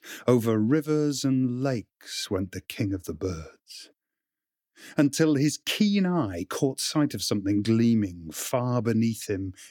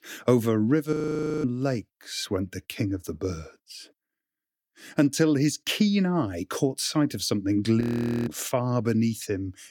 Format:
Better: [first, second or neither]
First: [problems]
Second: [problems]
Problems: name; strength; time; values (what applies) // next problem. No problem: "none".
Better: first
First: none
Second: audio freezing; at 1 s and at 8 s